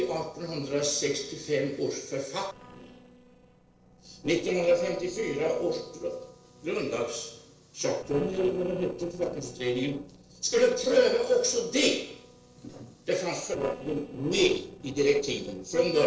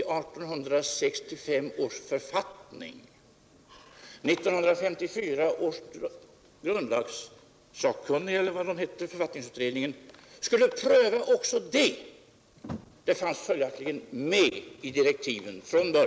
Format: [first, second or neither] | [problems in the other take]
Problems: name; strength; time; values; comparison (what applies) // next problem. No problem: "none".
second | noise reduction (neural separator model SepFormer DNS4)